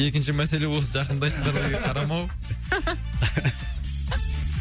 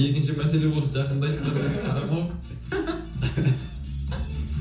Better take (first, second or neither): first